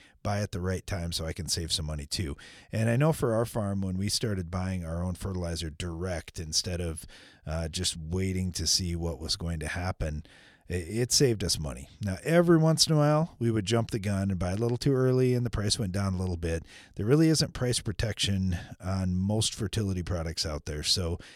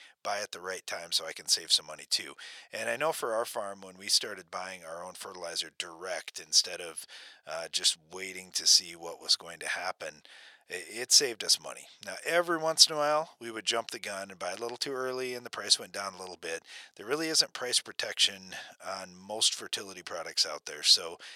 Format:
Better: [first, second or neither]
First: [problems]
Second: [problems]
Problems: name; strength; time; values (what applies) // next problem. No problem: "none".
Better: first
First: none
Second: thin; very; fading below 750 Hz